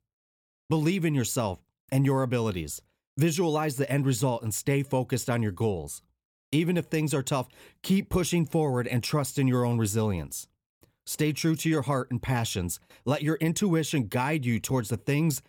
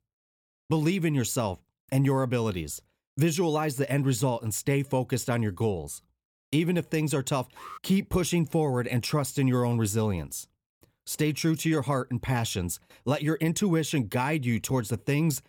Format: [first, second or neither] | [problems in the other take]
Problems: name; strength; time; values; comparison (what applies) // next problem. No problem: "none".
first | alarm; faint; at 7.5 s; peak 15 dB below the speech